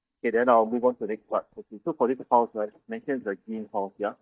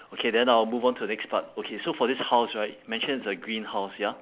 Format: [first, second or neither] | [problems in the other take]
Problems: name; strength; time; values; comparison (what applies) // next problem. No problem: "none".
second | noise reduction (neural mask model DeepFilterNet 3)